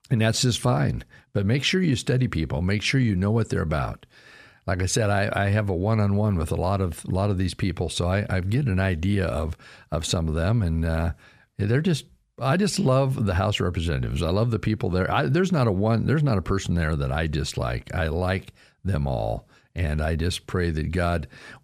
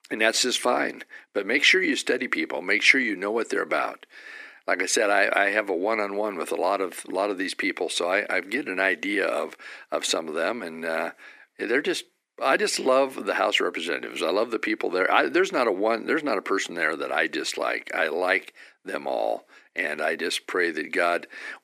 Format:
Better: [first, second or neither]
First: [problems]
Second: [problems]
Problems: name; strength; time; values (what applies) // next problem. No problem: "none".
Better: first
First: none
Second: thin; very; fading below 300 Hz